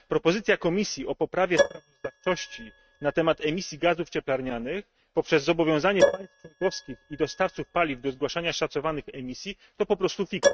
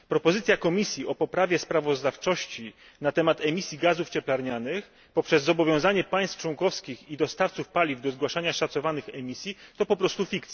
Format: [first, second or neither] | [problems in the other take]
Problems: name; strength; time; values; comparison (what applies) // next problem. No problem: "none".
second | noise reduction (neural mask model RNNoise)